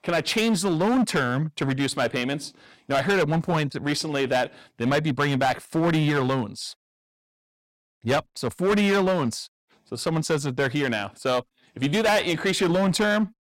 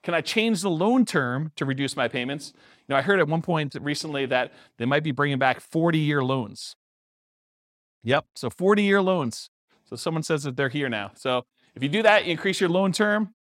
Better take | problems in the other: second | distortion; heavy; 10% of the sound clipped

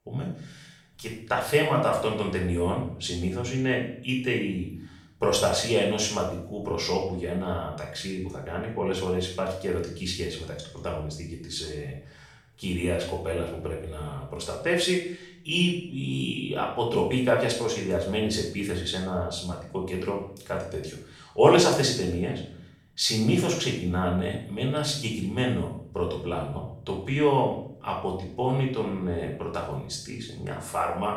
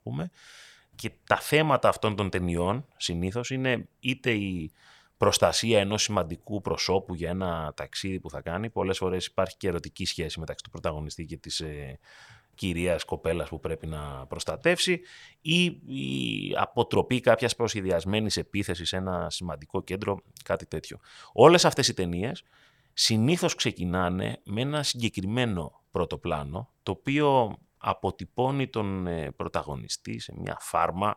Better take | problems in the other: second | room echo; noticeable; dies away in 0.6 s // off-mic speech; far

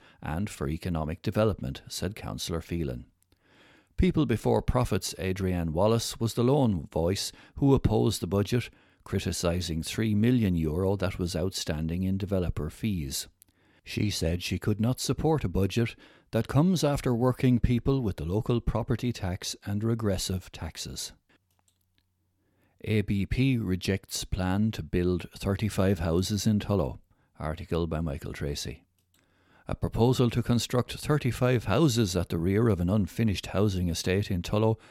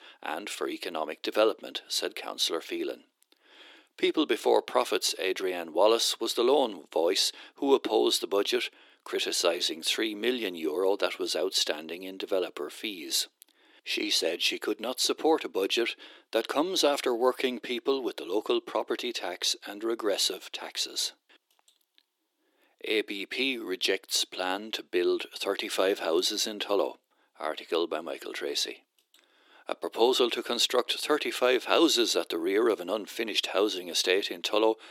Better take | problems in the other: first | thin; very; fading below 350 Hz

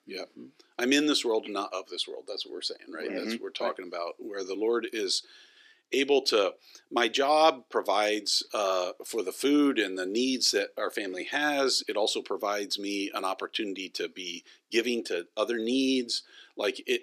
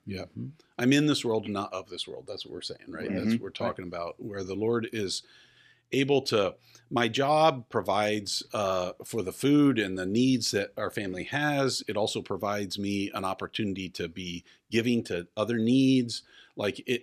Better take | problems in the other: second | thin; very slightly; fading below 300 Hz

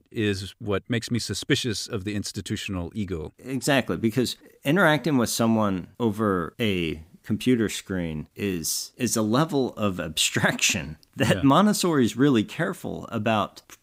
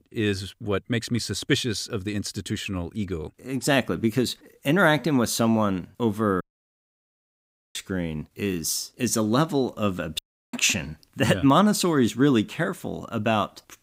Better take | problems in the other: first | audio cutting out; at 6.5 s for 1.5 s and at 10 s

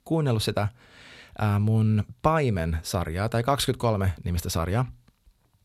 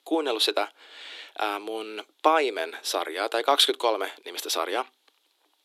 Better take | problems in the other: first | thin; very; fading below 300 Hz

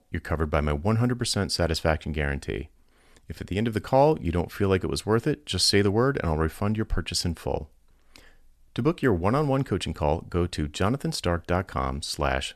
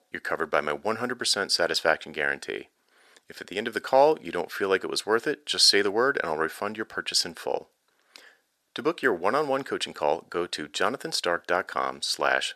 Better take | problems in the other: first | thin; very; fading below 450 Hz

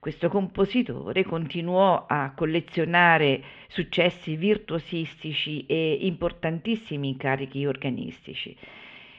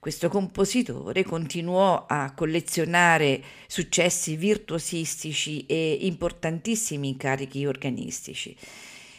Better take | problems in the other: second | muffled; very; fading above 3.5 kHz

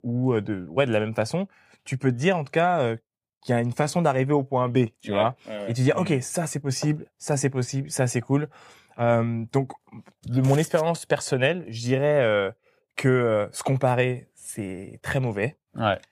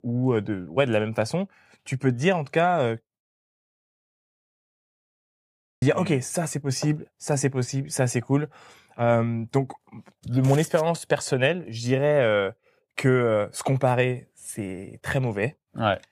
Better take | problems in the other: first | audio cutting out; at 3 s for 2.5 s

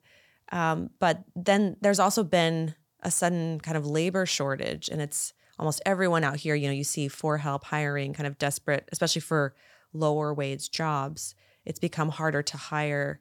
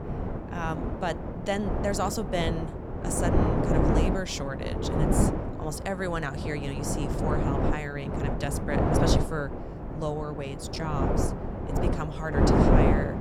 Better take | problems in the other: first | wind noise on the microphone; heavy; 2 dB above the speech

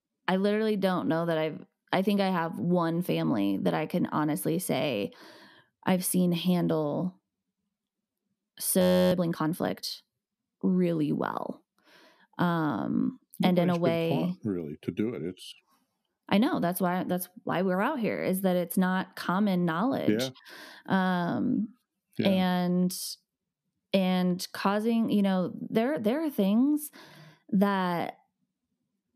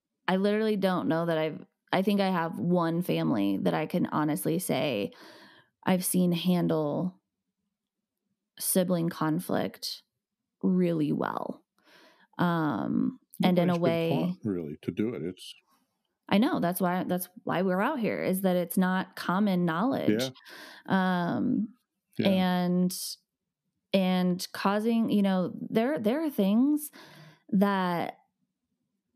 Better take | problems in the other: second | audio freezing; at 9 s

